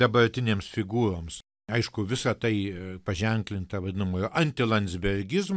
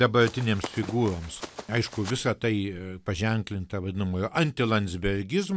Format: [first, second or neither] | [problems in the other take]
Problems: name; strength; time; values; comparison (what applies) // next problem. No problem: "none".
first | background sound (Run); 13 dB below the speech